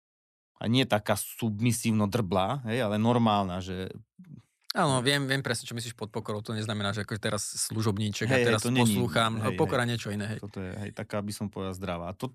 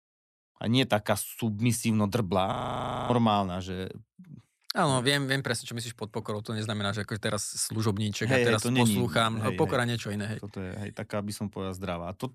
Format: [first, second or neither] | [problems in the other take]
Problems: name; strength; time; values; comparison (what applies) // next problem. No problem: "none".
first | audio freezing; at 2.5 s for 0.5 s